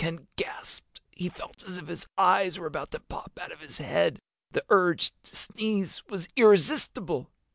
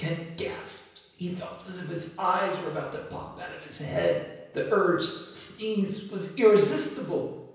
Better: first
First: none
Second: room echo; dies away in 0.9 s

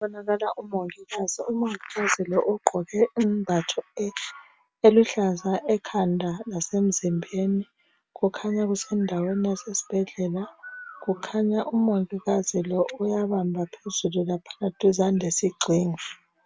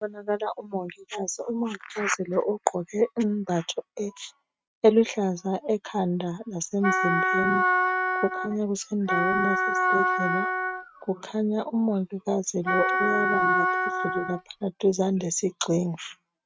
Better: first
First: none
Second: noise reduction (neural mask model RNNoise)

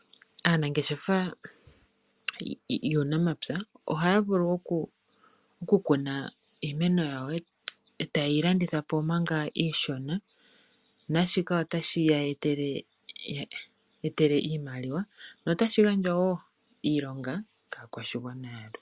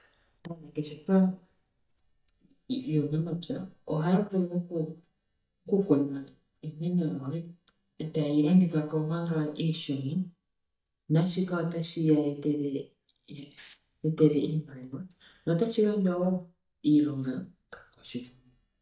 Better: first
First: none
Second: noise reduction (neural mask model DeepFilterNet 3)

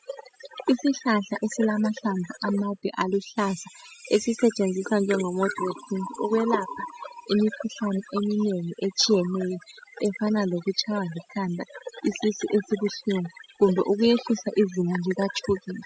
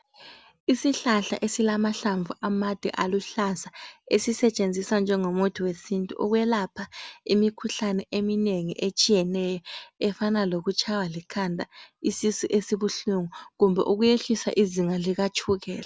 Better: second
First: noise reduction (classical method spectral subtraction)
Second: none

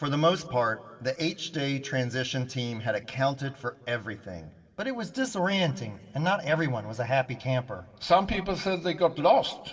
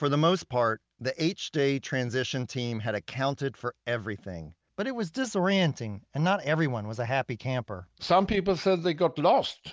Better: second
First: room echo; dies away in 1.6 s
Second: none

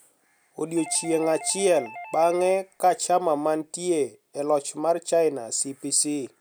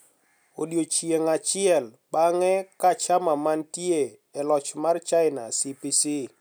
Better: second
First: background sound (Doorbell); 16 dB below the speech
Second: none

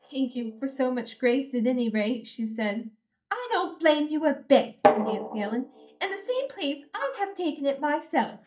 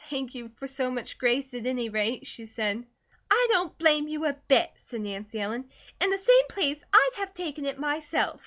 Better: second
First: noise reduction (neural mask model DeepFilterNet 3)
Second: none

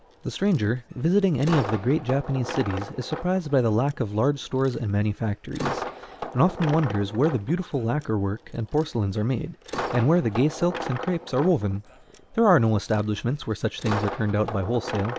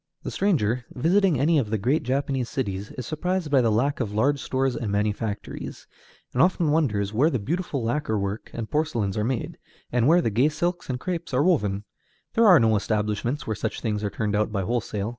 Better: second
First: background sound (Coin (dropping)); 12 dB below the speech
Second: none

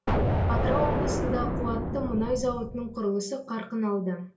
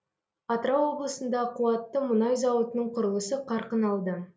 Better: second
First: background sound (Explosion); 3 dB above the speech // room echo; dies away in 0.2 s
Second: none

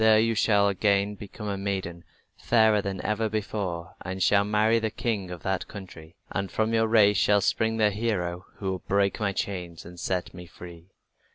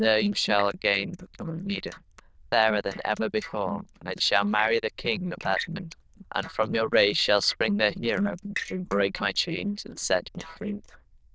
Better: first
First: none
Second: noise reduction (neural diffusion model UNIVERSE++)

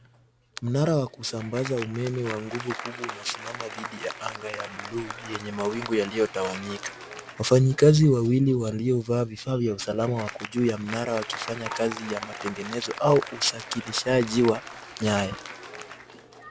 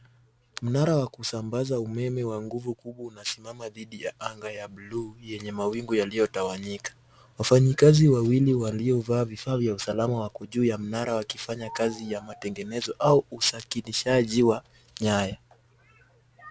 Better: second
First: background sound (Applause); 13 dB below the speech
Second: none

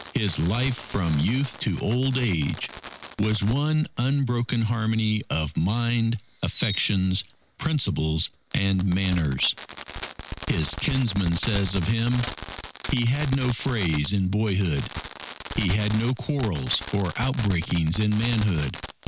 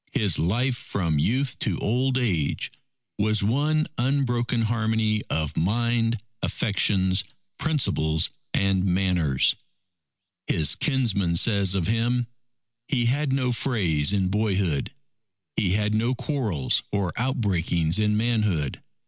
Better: second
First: background sound (Fireworks); 13 dB below the speech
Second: none

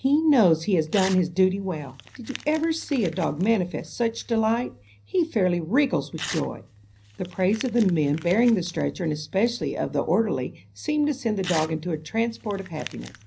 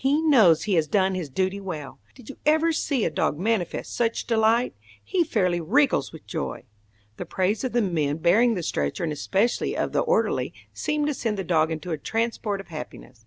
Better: second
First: background sound (Crumpling, crinkling / Tearing); 18 dB below the speech // room echo; dies away in 0.5 s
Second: none

